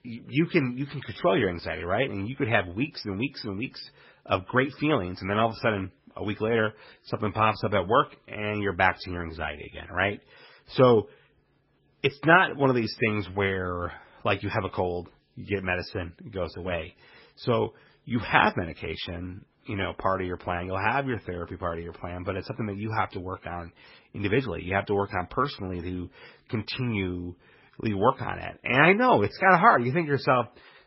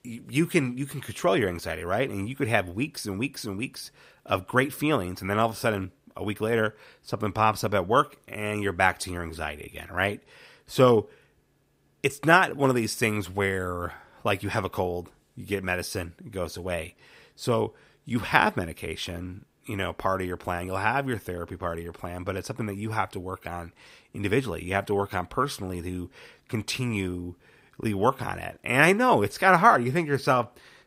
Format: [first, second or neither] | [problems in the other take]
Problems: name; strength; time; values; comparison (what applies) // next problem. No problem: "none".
second | garbled, watery; badly; nothing above 5.5 kHz